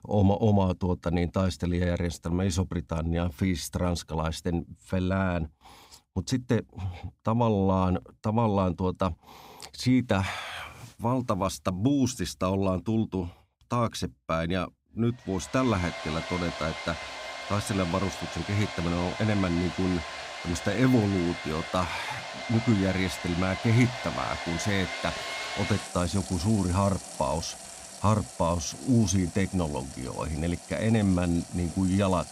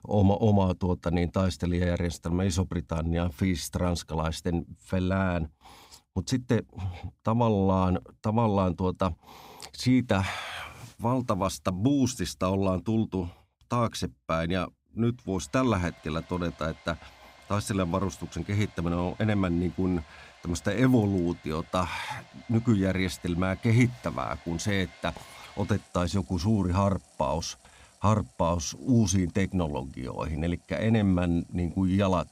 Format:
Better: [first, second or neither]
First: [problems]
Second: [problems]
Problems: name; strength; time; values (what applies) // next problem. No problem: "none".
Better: second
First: household noises; loud; from 16 s on; 9 dB below the speech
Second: household noises; faint; from 16 s on; 25 dB below the speech